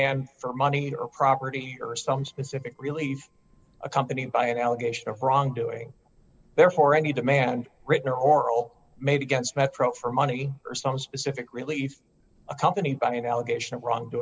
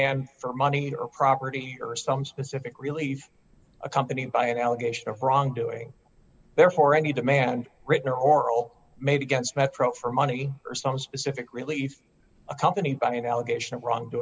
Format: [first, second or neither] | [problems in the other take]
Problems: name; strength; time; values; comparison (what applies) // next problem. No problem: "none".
second | noise reduction (neural separator model SepFormer DNS4)